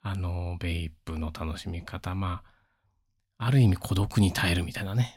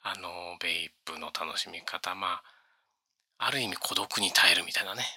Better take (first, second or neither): first